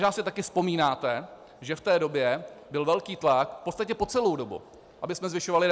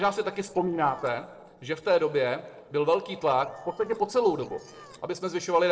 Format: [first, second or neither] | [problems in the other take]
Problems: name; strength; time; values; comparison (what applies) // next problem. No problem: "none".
first | noise reduction (neural separator model SepFormer DNS4)